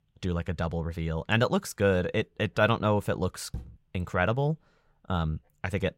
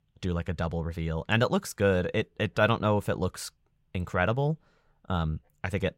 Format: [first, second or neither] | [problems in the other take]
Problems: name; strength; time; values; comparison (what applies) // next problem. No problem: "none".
second | door banging; faint; at 3.5 s; peak 15 dB below the speech